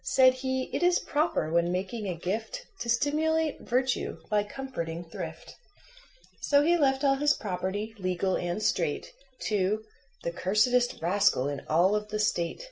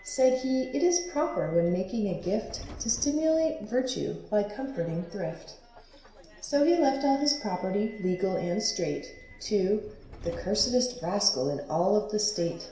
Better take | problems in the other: first | background sound (Subway, metro, underground); 20 dB below the speech // room echo; dies away in 0.7 s

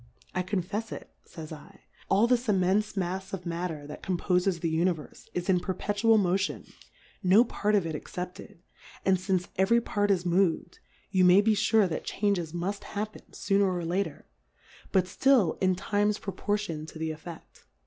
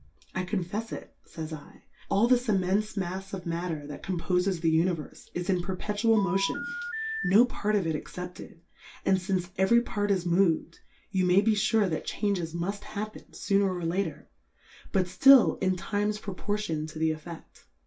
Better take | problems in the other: first | background sound (Telephone); 7 dB below the speech // room echo; dies away in 0.2 s

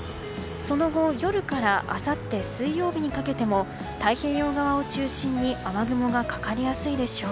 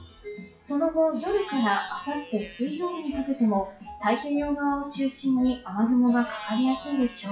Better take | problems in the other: first | noise reduction (classical method WPE with log-MMSE)

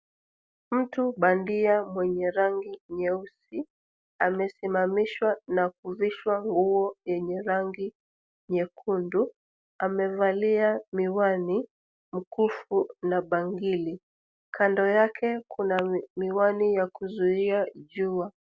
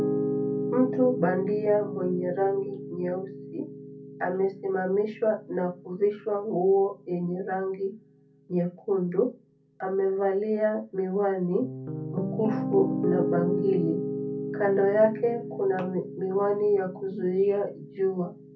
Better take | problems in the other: first | background sound (Piano); 7 dB below the speech // room echo; dies away in 0.3 s

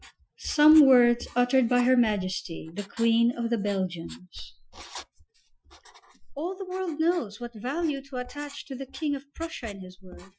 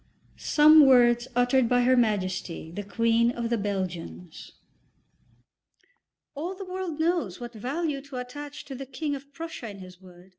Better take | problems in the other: second | noise reduction (classical method Wiener filter)

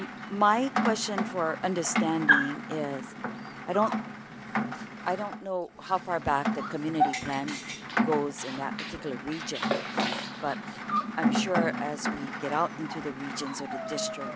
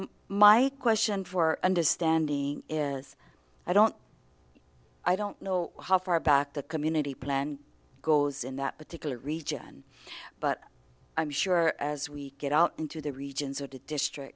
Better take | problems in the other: second | background sound (Dog + Rain); as loud as the speech

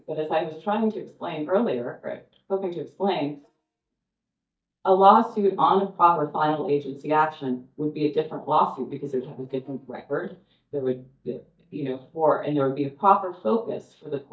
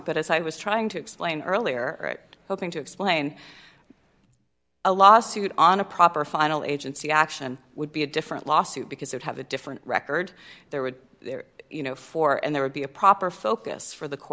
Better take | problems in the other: second | noise reduction (neural mask model DeepFilterNet 3)

